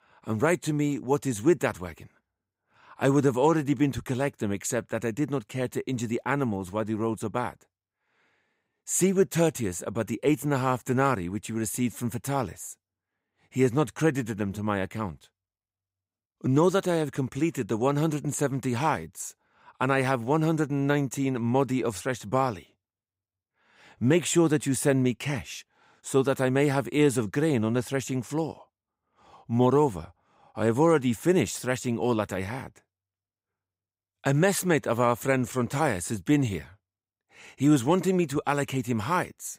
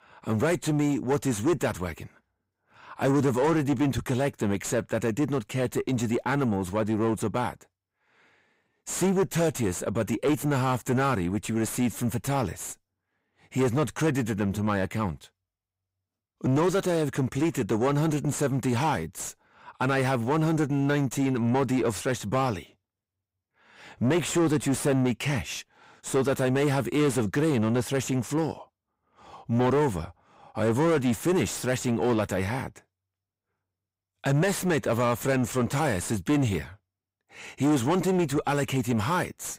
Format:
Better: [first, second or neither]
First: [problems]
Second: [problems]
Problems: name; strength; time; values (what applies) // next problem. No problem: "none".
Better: first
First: none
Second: distortion; heavy; 7 dB below the speech